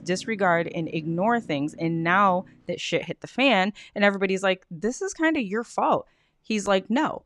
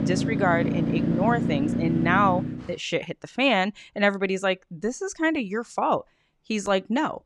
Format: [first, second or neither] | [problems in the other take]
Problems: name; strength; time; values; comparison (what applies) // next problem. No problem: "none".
first | traffic noise; loud; until 2.5 s; 1 dB below the speech; faint in the first